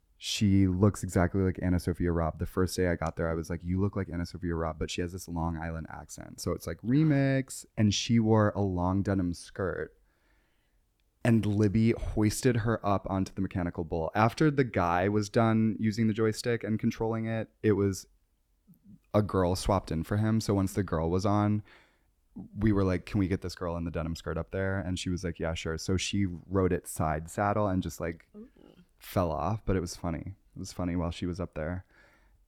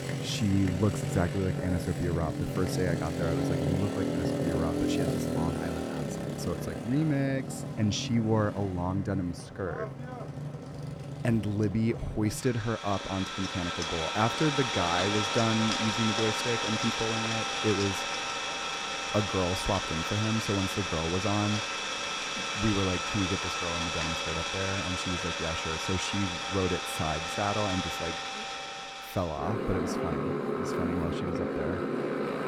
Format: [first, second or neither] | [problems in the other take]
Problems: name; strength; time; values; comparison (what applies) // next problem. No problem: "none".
first | traffic noise; loud; throughout; as loud as the speech